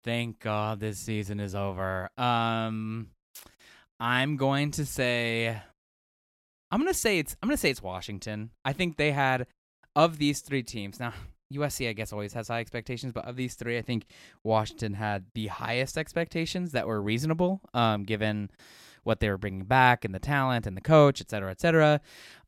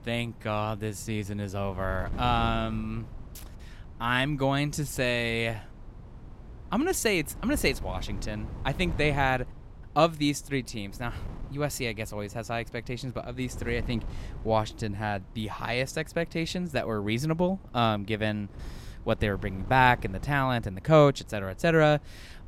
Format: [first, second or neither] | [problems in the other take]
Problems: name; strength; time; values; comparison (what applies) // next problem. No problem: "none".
first | wind noise on the microphone; occasional gusts; 25 dB below the speech